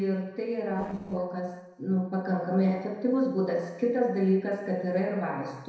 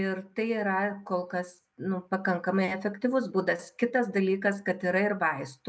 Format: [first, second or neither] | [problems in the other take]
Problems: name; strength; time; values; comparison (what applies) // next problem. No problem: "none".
second | noise reduction (neural separator model SepFormer DNS4)